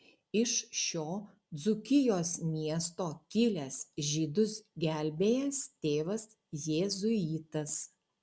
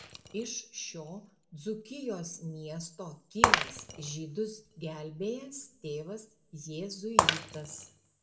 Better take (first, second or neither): first